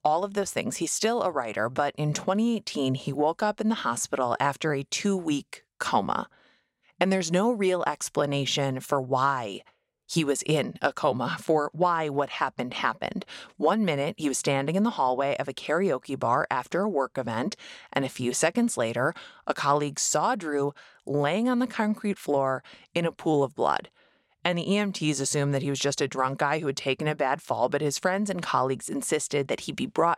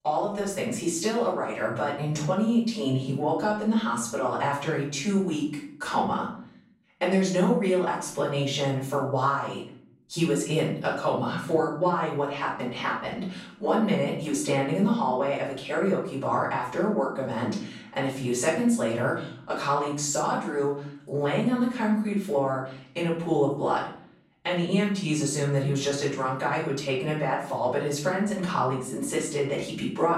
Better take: first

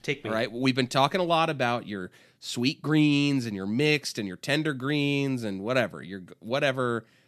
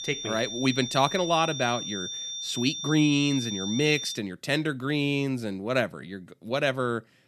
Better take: first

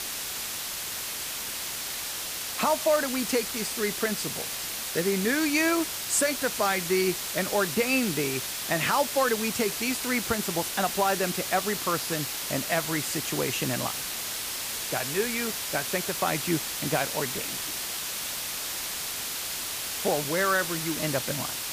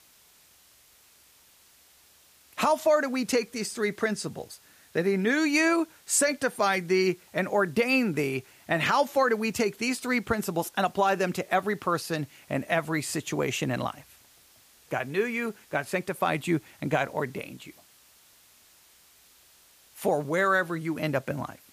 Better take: second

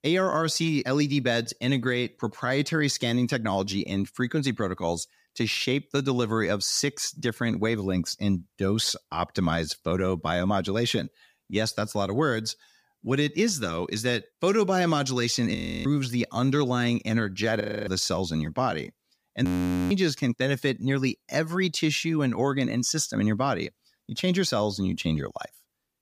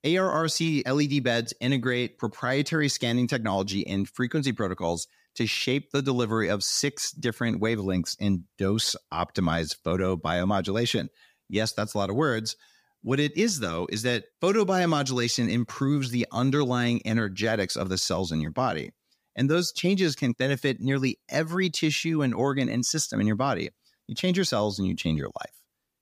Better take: second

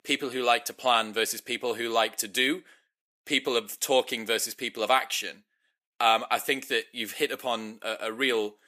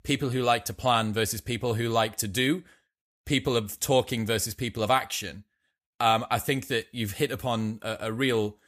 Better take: second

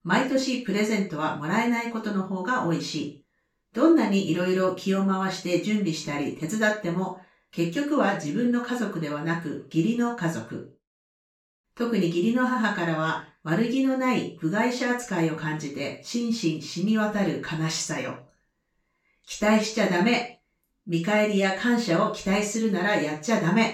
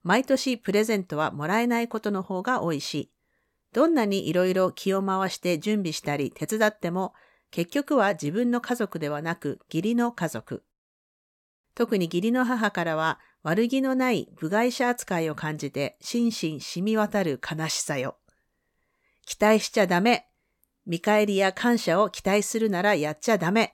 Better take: second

